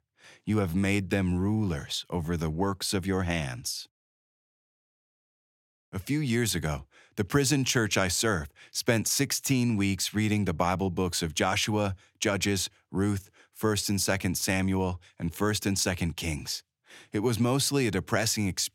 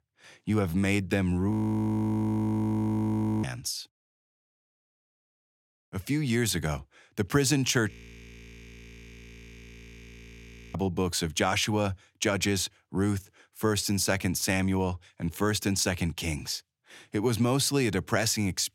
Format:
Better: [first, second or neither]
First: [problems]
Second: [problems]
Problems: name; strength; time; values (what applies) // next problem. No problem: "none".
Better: first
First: none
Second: audio freezing; at 1.5 s for 2 s and at 8 s for 3 s